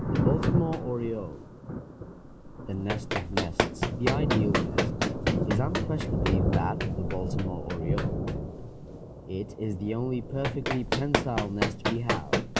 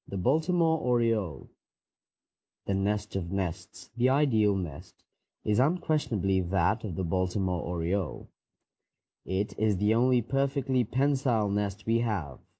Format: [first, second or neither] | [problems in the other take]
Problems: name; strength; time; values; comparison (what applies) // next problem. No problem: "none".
second | background sound (Run + Thunder); 4 dB above the speech